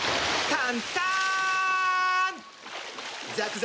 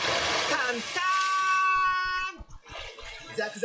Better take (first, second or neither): first